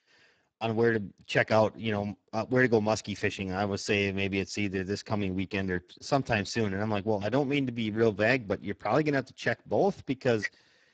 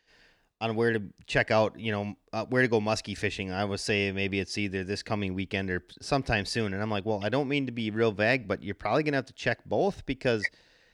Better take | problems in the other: second | garbled, watery; badly; nothing above 7.5 kHz

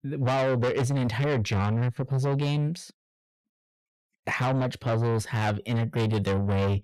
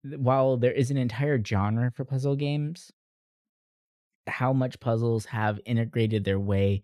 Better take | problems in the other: second | distortion; heavy; 7 dB below the speech

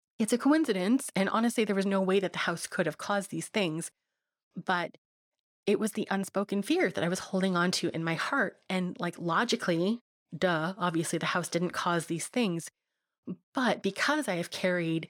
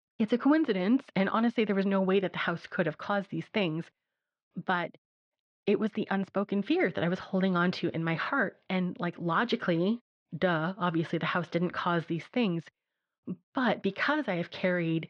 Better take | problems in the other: first | muffled; slightly; fading above 3.5 kHz

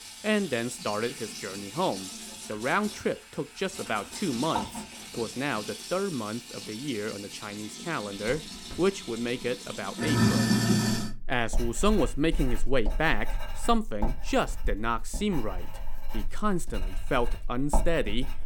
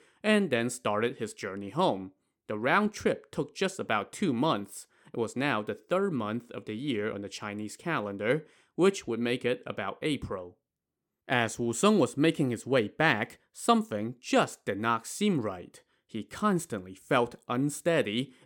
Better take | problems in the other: second | household noises; loud; throughout; 4 dB below the speech

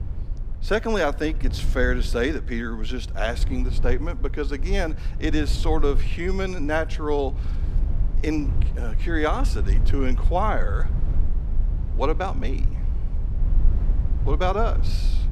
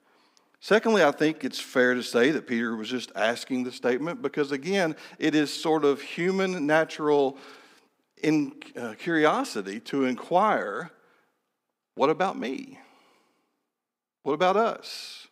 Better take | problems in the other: second | low rumble; noticeable; throughout; 15 dB below the speech

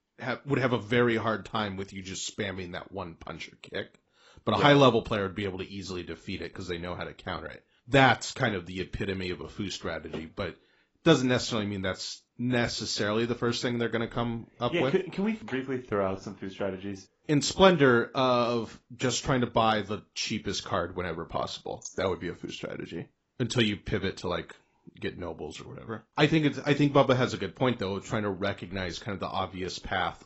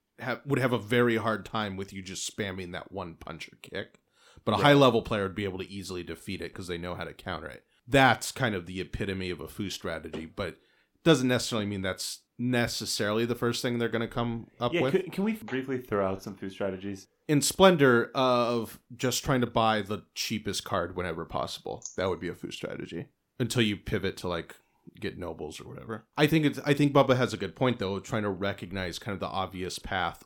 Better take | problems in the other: second | garbled, watery; badly; nothing above 7.5 kHz

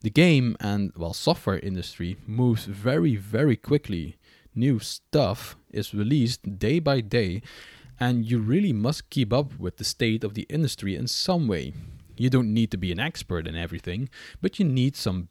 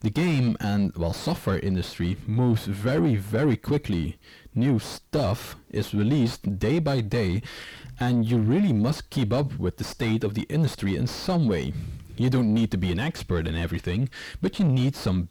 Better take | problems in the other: first | distortion; heavy; 6 dB below the speech

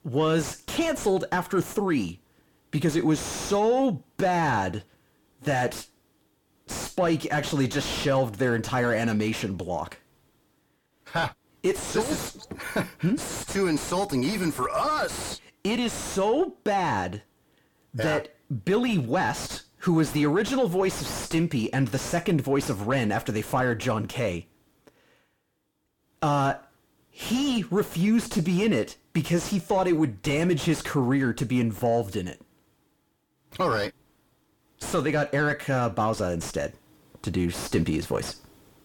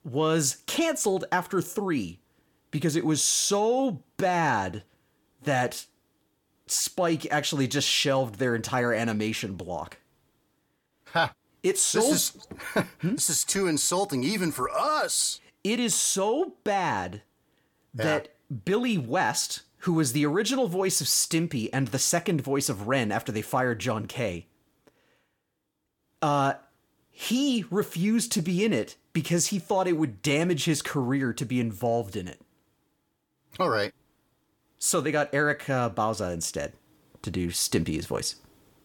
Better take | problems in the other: second | distortion; heavy; 6 dB below the speech

